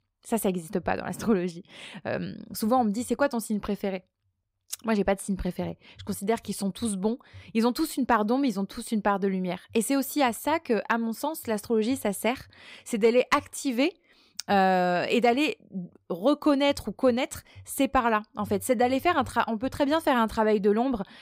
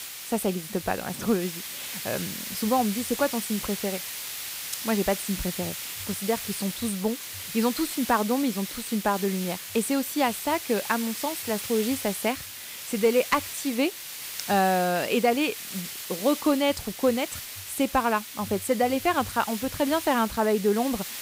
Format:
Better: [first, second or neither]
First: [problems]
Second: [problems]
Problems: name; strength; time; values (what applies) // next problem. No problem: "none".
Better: first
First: none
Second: hiss; loud; throughout; 7 dB below the speech